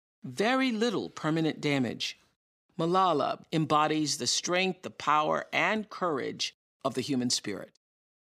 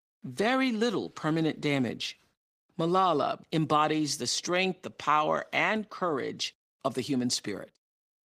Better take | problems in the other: first | garbled, watery; slightly; nothing above 15 kHz

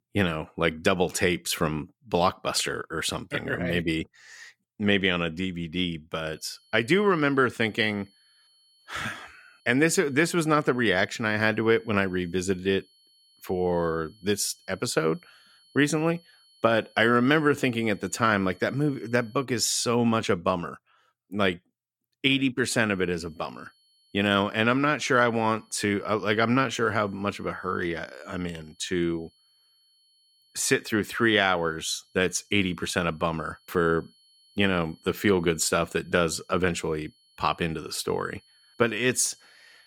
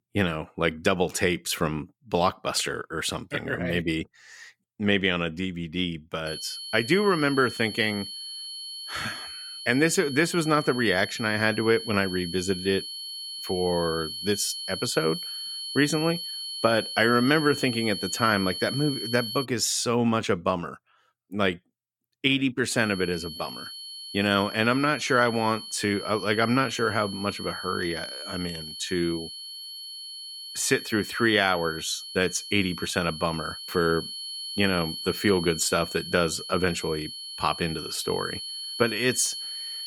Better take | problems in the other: first | high-pitched whine; loud; from 6.5 to 19 s and from 23 s on; 4.5 kHz, 8 dB below the speech; faint in the first

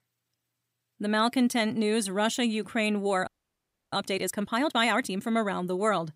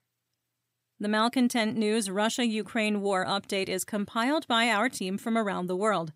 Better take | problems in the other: second | audio freezing; at 3.5 s for 0.5 s

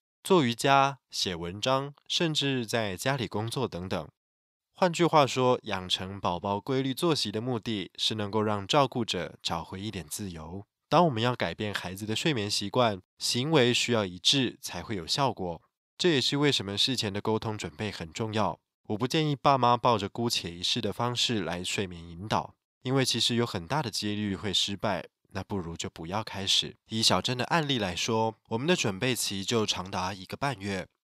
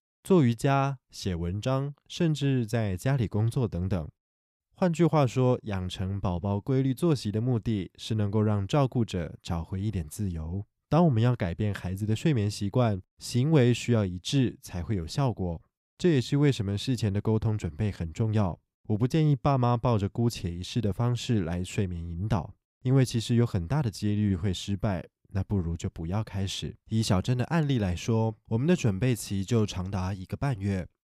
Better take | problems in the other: second | thin; somewhat; fading below 550 Hz

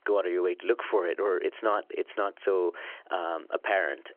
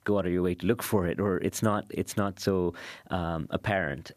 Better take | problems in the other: second | phone-call audio

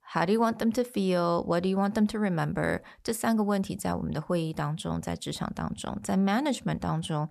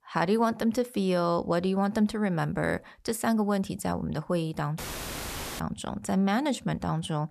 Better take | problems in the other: first | audio cutting out; filled with static; at 5 s for 1 s

